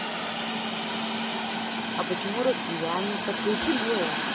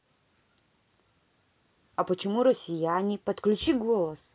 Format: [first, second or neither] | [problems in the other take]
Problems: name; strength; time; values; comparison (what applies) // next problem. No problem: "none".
second | background sound (Hiss); 2 dB above the speech